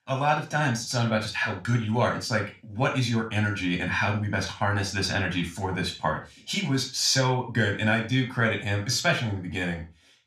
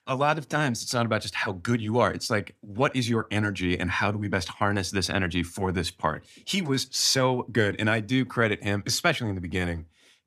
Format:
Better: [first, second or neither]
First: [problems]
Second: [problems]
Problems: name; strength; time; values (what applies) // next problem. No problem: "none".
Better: second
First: room echo; slight; dies away in 0.3 s // off-mic speech; somewhat distant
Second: none